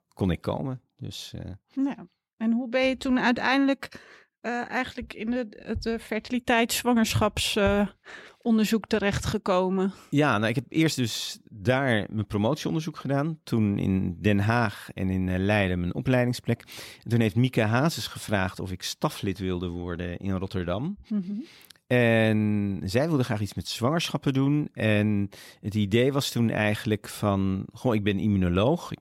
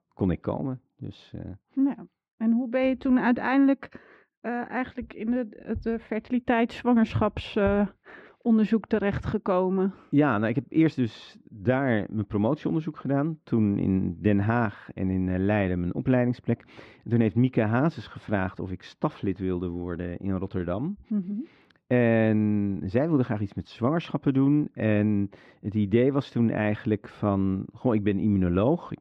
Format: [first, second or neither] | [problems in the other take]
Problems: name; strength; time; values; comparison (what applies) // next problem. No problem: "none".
first | muffled; very; fading above 2 kHz